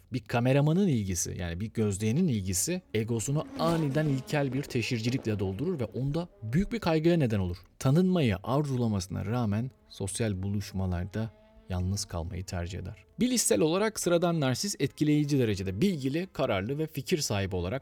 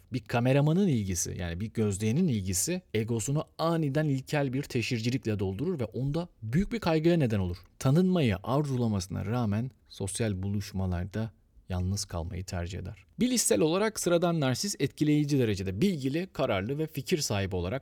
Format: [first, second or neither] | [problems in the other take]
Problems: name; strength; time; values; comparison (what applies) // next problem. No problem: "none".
second | traffic noise; noticeable; throughout; 15 dB below the speech